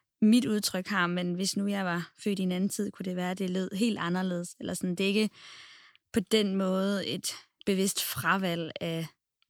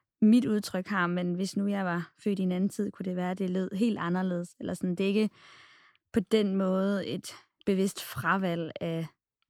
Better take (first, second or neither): first